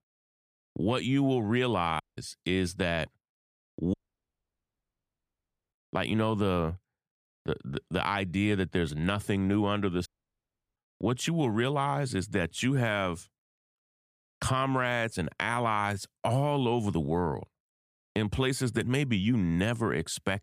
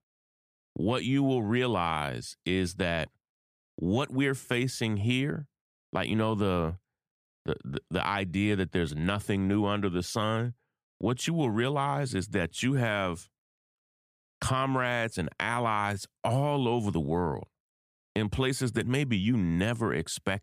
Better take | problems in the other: second | audio cutting out; at 2 s, at 4 s for 2 s and at 10 s for 0.5 s

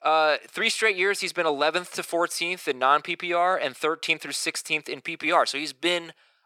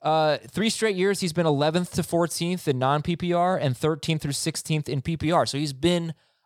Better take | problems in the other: second | thin; very; fading below 350 Hz

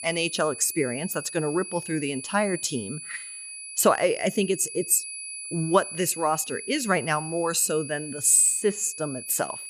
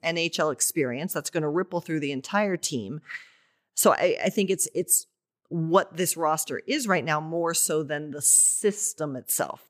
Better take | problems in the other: second | high-pitched whine; noticeable; throughout; 10 kHz, 10 dB below the speech

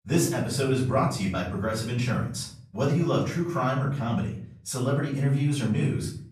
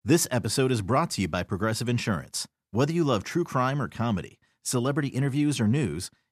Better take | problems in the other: second | off-mic speech; far // room echo; noticeable; dies away in 0.6 s

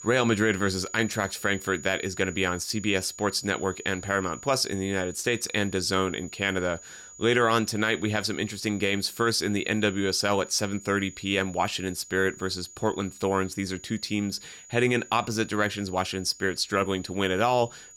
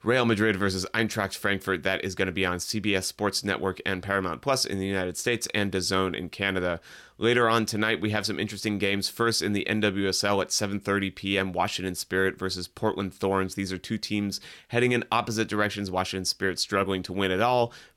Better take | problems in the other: second | high-pitched whine; noticeable; throughout; 7 kHz, 15 dB below the speech

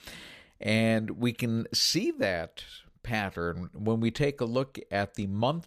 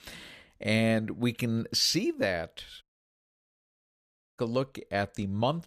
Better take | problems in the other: first | audio cutting out; at 3 s for 1.5 s

